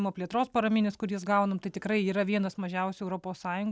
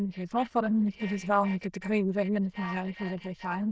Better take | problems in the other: first | noise reduction (neural diffusion model UNIVERSE++)

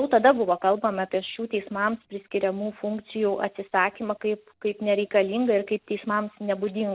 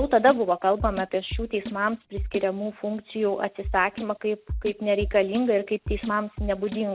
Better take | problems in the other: first | background sound (Drum kit); 10 dB below the speech

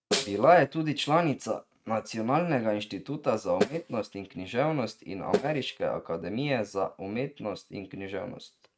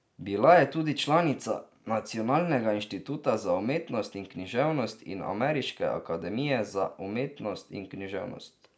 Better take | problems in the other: second | noise reduction (neural mask model RNNoise)

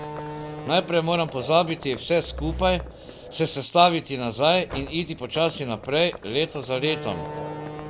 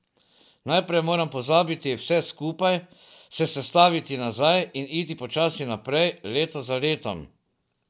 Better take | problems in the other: second | background sound (Livestock, farm animals, working animals + Slam); 12 dB below the speech

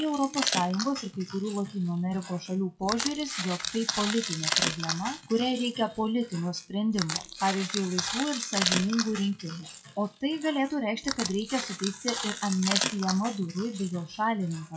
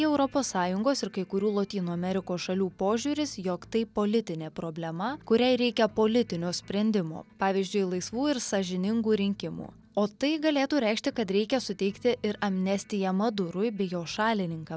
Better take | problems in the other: second | noise reduction (classical method WPE with log-MMSE)

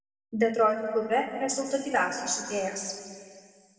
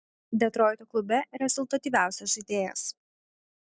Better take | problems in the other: second | room echo; dies away in 2.2 s

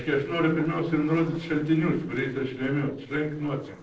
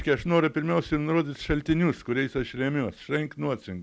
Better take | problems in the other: second | noise reduction (neural separator model SepFormer DNS4)

